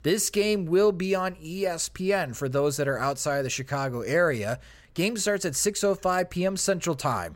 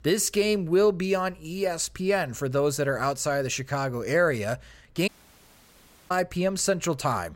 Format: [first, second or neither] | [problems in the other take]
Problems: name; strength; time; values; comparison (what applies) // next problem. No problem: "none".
first | audio cutting out; at 5 s for 1 s